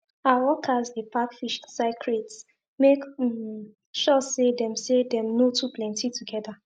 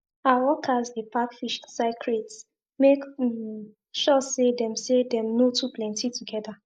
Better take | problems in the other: first | noise reduction (neural mask model Resemble Enhance denoiser)

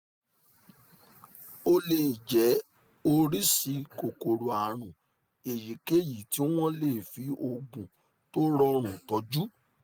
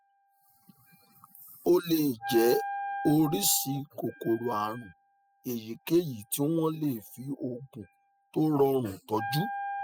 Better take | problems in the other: first | noise reduction (classical method spectral subtraction)

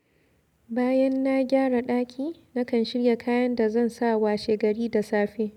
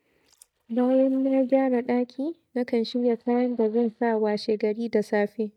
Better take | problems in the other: first | noise reduction (neural mask model DeepFilterNet 3)

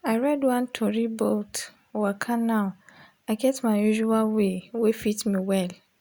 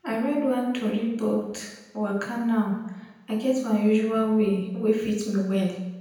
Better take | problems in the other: first | room echo; dies away in 0.9 s

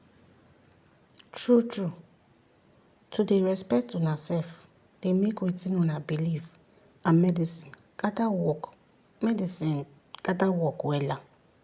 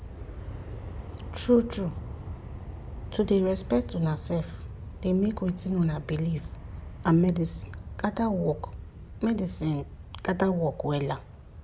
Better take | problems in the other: first | background sound (Aircraft); 11 dB below the speech

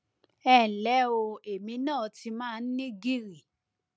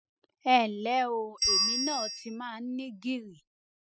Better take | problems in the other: first | noise reduction (classical method spectral subtraction)

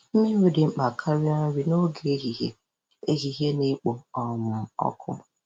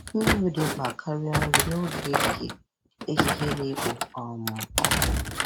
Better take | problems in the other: first | background sound (Thump, thud); 3 dB above the speech

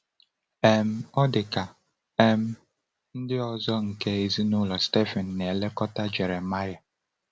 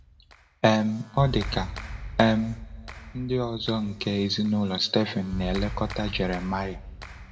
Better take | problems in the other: first | background sound (Clapping); 11 dB below the speech // room echo; dies away in 1.7 s

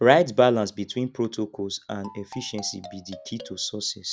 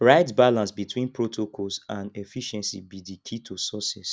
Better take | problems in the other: second | background sound (Marimba, xylophone); 20 dB below the speech

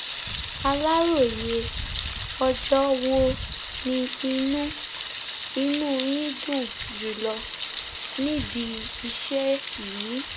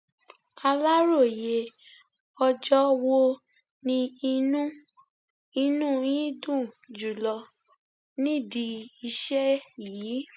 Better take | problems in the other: second | background sound (Thunder); 7 dB below the speech

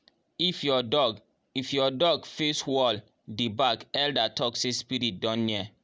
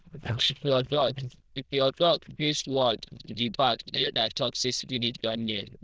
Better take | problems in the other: first | noise reduction (neural diffusion model UNIVERSE++)

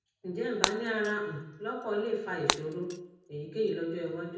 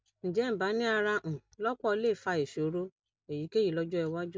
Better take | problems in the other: second | background sound (Shatter); 4 dB below the speech // room echo; dies away in 0.8 s

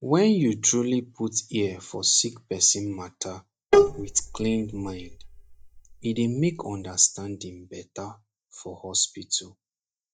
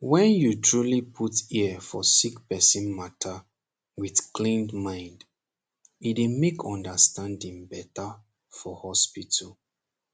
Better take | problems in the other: second | noise reduction (neural mask model DeepFilterNet 3)

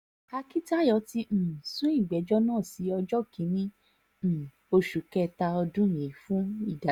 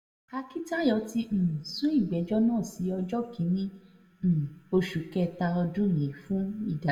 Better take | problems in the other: first | room echo; dies away in 0.8 s

